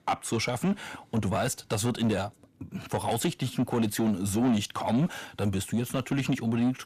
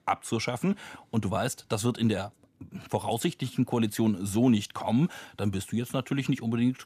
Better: second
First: distortion; slight; 10 dB below the speech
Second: none

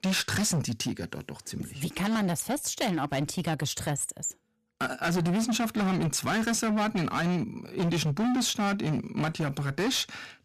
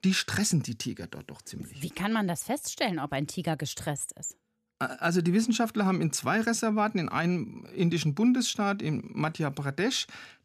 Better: second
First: distortion; heavy; 21% of the sound clipped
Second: none

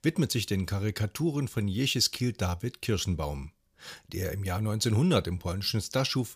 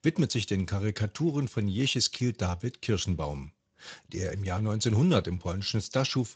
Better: first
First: none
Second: garbled, watery; slightly; nothing above 7.5 kHz

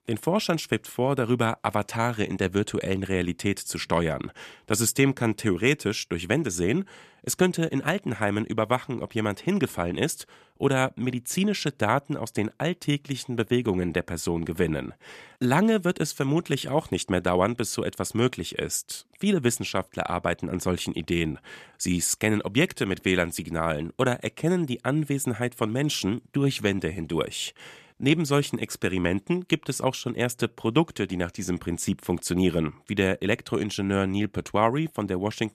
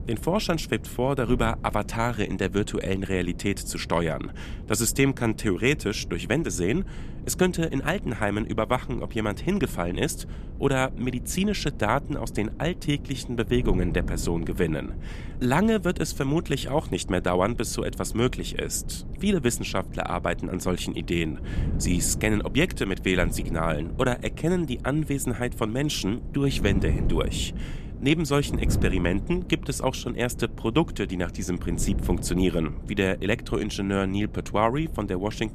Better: first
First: none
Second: wind noise on the microphone; occasional gusts; 15 dB below the speech

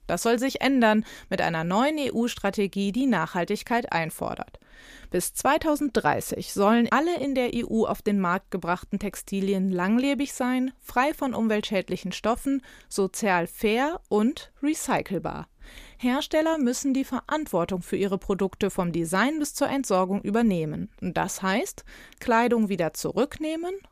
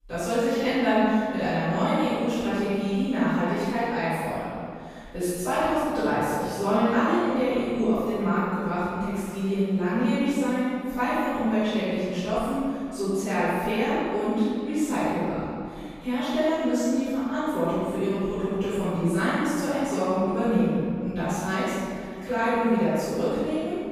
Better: first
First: none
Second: room echo; strong; dies away in 2.1 s // off-mic speech; far

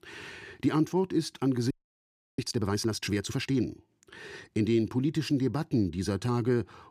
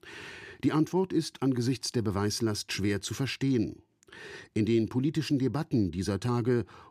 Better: second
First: audio freezing; at 1.5 s for 0.5 s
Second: none

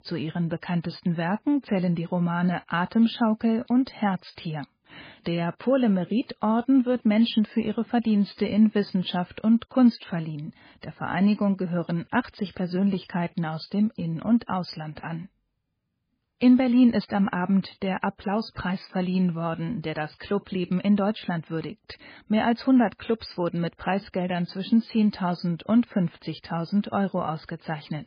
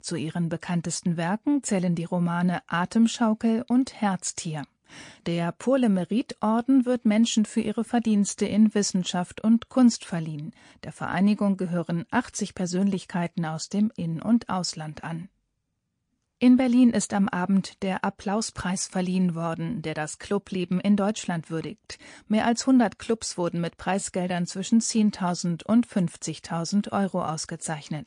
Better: second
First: garbled, watery; badly; nothing above 5 kHz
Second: garbled, watery; slightly

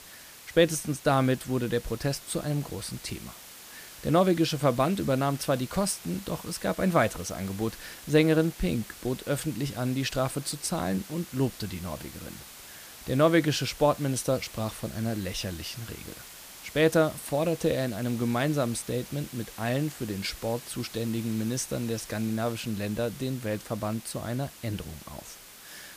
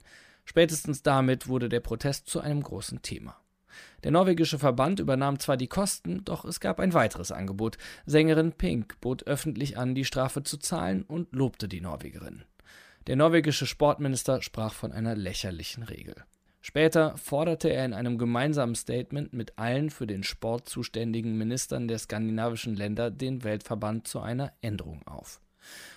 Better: second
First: hiss; noticeable; throughout; 15 dB below the speech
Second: none

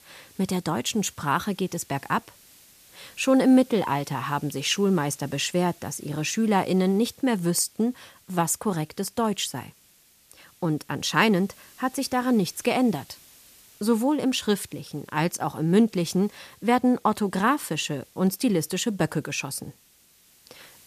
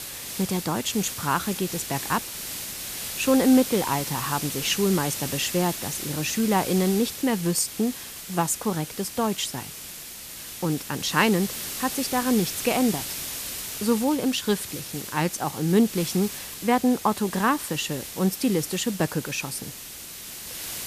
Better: first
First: hiss; faint; throughout; 25 dB below the speech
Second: hiss; loud; throughout; 7 dB below the speech

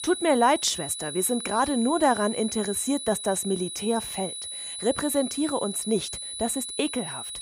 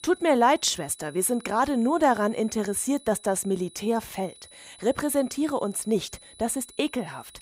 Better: second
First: high-pitched whine; loud; throughout; 4 kHz, 7 dB below the speech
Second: high-pitched whine; faint; throughout; 4 kHz, 25 dB below the speech

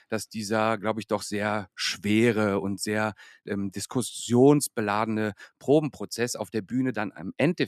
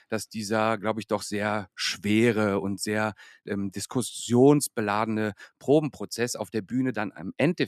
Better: neither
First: none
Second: none

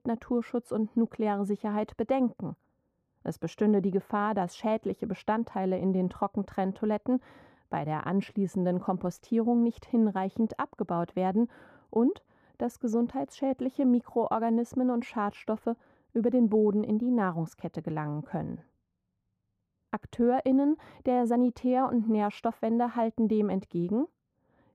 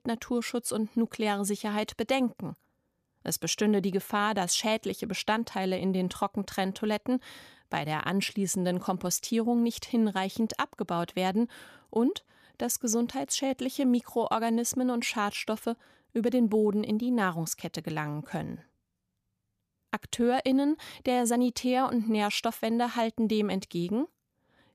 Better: second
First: muffled; very; fading above 2 kHz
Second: none

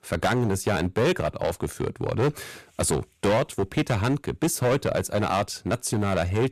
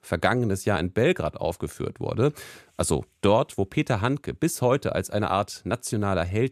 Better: second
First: distortion; heavy; 11% of the sound clipped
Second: none

